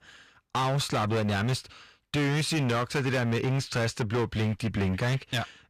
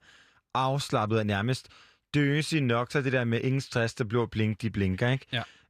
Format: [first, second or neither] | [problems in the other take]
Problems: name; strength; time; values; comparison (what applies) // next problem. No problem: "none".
second | distortion; heavy; 21% of the sound clipped